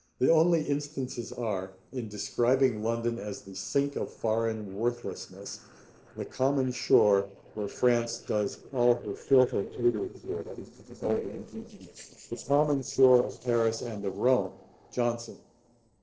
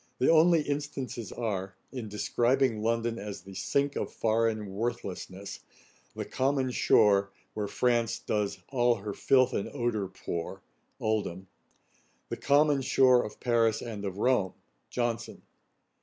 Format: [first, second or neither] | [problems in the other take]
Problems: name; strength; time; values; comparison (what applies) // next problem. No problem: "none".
second | noise reduction (neural separator model SepFormer DNS4)